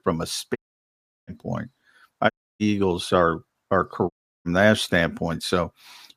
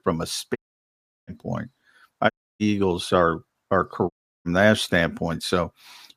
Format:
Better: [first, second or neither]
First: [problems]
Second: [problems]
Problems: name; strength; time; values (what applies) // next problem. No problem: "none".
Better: neither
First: audio cutting out; at 0.5 s for 0.5 s, at 2.5 s and at 4 s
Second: audio cutting out; at 0.5 s for 0.5 s, at 2.5 s and at 4 s